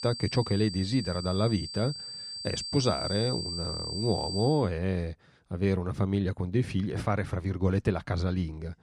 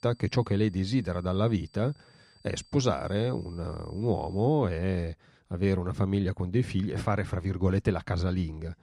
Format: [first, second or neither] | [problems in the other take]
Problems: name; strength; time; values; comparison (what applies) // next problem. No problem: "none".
second | high-pitched whine; loud; until 4.5 s; 4.5 kHz, 6 dB below the speech; faint in the second